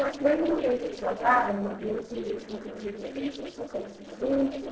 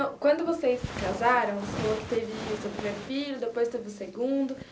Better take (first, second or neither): second